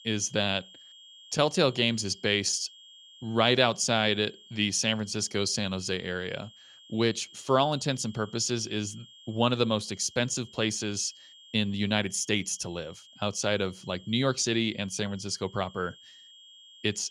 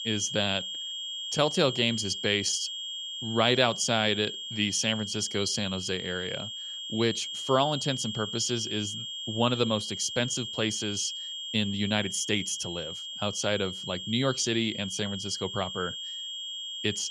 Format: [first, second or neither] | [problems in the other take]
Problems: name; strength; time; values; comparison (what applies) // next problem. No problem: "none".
first | high-pitched whine; loud; throughout; 3 kHz, 6 dB below the speech; faint in the first